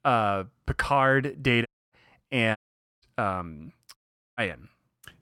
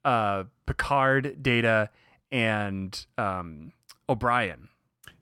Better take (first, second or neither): second